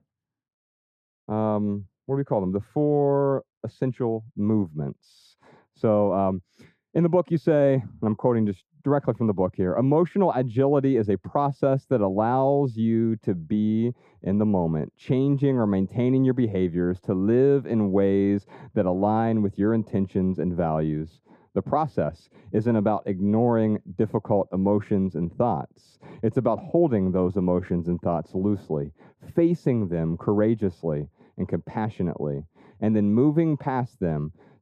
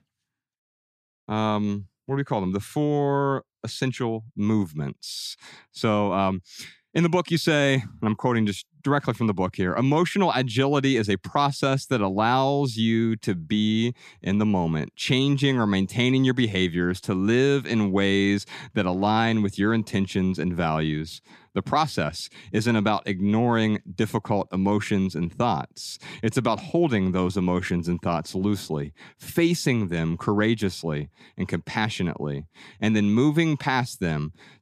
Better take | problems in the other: second | muffled; very; fading above 1.5 kHz

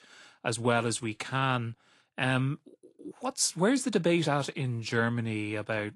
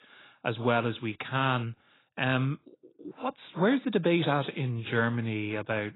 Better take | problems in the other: first | garbled, watery; badly; nothing above 4 kHz; slightly in the first

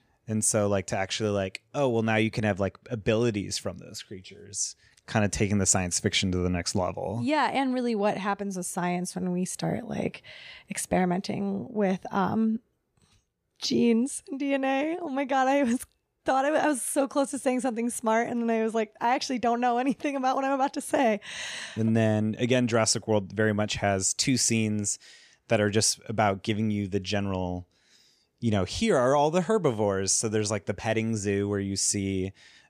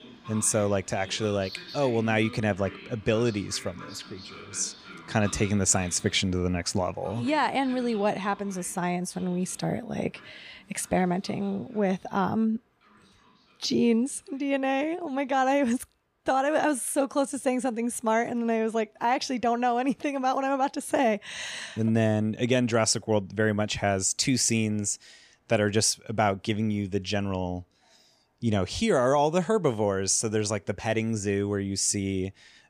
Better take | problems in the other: first | train or aircraft noise; noticeable; throughout; 20 dB below the speech

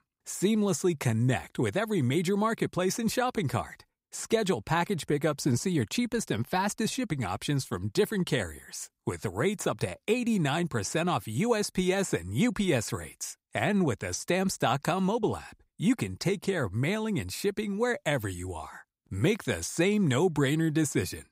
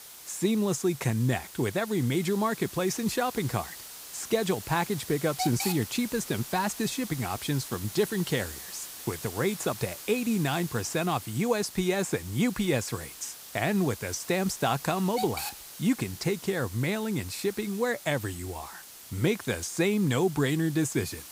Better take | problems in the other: first | hiss; noticeable; throughout; 10 dB below the speech

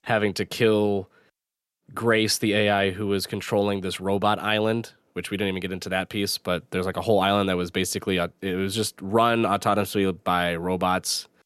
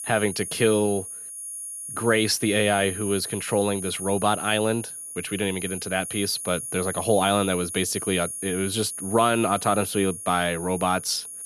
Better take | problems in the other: first | high-pitched whine; loud; throughout; 10 kHz, 8 dB below the speech

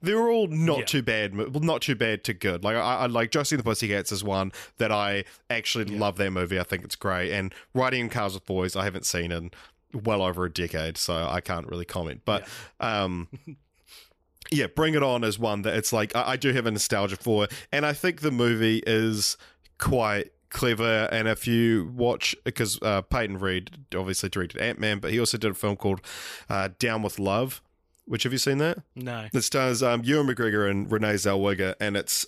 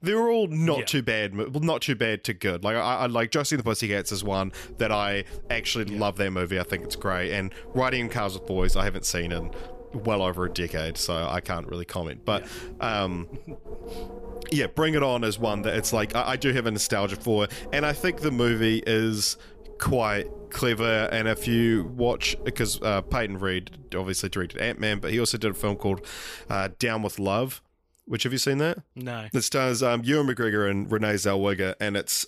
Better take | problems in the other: first | wind noise on the microphone; occasional gusts; from 4 to 27 s; 20 dB below the speech

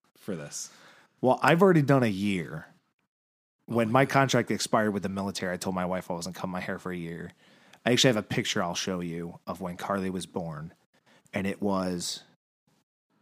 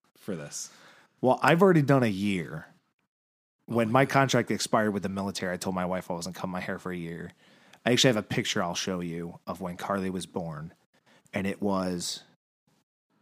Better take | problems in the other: neither | none

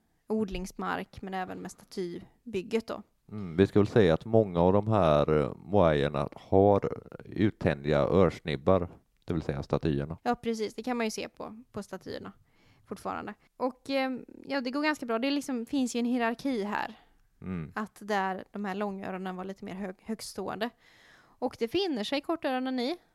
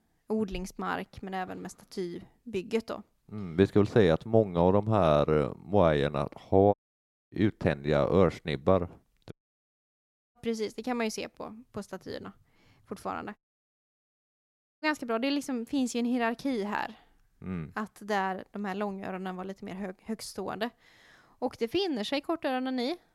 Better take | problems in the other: first | audio cutting out; at 6.5 s for 0.5 s, at 9.5 s for 1 s and at 13 s for 1.5 s

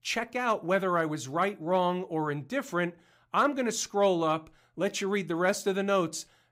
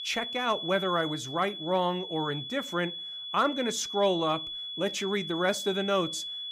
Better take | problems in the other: first | high-pitched whine; loud; throughout; 3.5 kHz, 6 dB below the speech

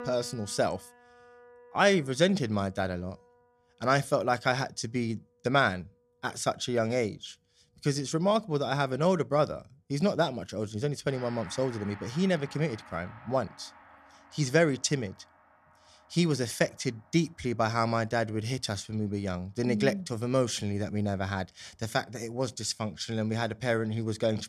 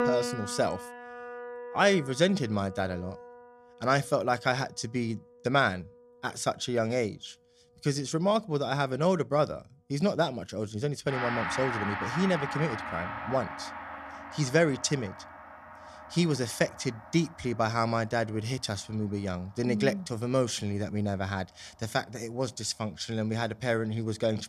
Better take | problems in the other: first | background music; loud; throughout; 8 dB below the speech; faint in the first

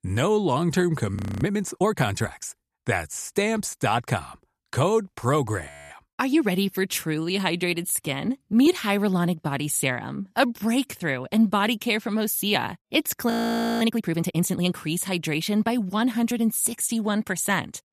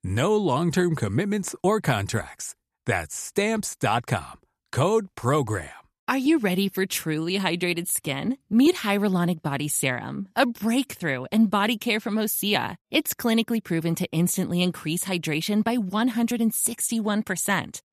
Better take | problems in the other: second | audio freezing; at 1 s, at 5.5 s and at 13 s for 0.5 s

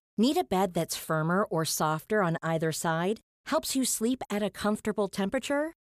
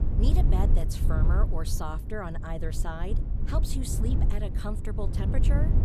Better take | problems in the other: first | low rumble; loud; throughout; 5 dB below the speech

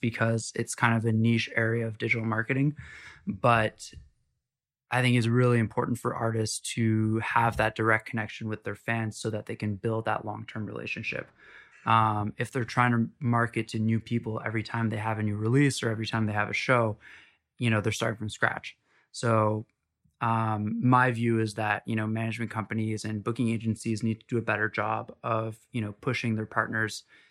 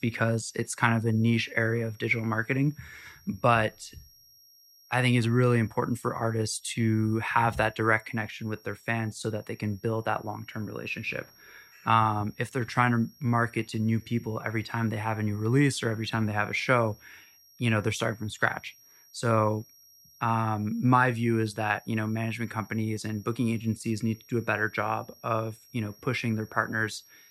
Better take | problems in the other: first | high-pitched whine; faint; throughout; 5.5 kHz, 25 dB below the speech

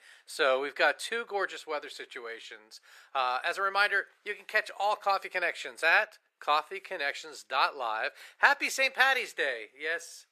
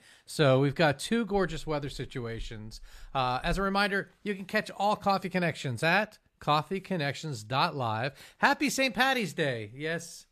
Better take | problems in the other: second | thin; very; fading below 400 Hz

